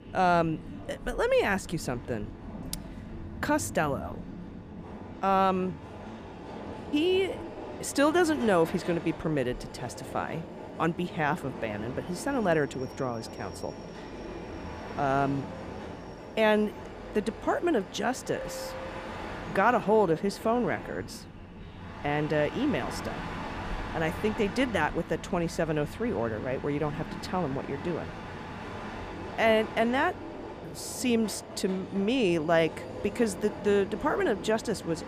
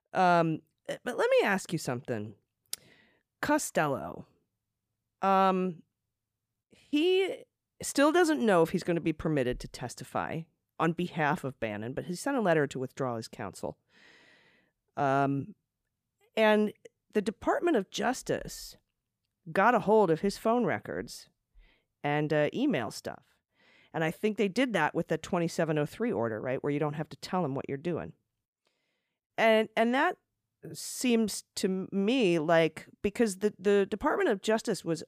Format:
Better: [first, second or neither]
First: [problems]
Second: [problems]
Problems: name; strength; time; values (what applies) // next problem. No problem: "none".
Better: second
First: train or aircraft noise; noticeable; throughout; 10 dB below the speech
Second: none